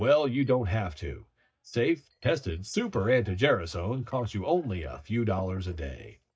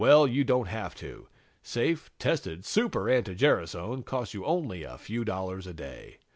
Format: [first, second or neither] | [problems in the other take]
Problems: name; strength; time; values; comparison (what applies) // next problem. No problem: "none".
second | noise reduction (neural mask model DeepFilterNet 3)